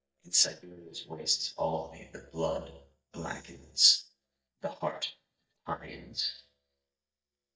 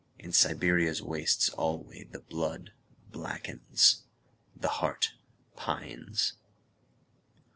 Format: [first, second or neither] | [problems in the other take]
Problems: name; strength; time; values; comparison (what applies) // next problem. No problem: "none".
second | noise reduction (neural mask model DeepFilterNet 3)